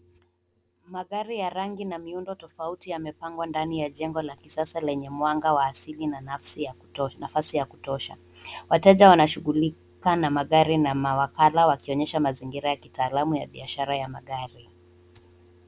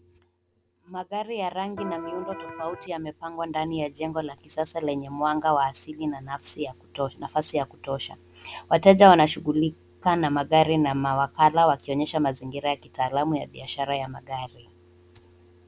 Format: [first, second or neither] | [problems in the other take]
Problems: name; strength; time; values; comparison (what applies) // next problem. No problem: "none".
first | background sound (Electric guitar); 11 dB below the speech